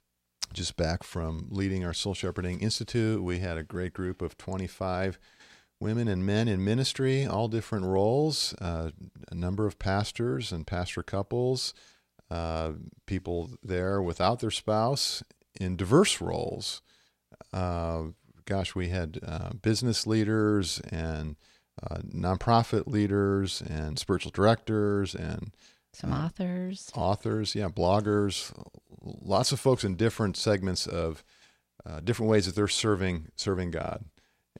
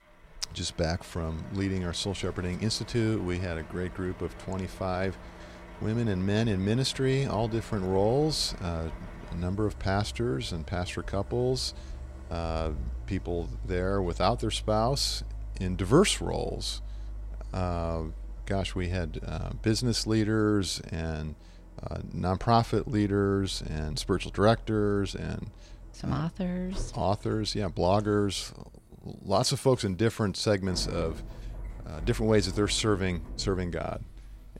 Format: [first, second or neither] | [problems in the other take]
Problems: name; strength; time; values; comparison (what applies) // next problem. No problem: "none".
first | traffic noise; noticeable; throughout; 15 dB below the speech